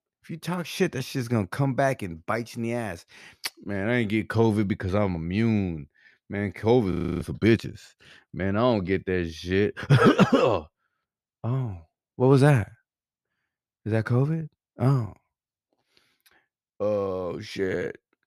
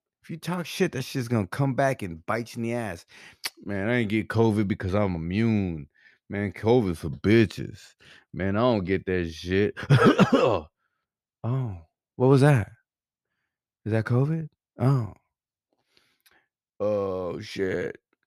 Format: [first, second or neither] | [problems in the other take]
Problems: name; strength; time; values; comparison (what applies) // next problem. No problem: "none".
second | audio freezing; at 7 s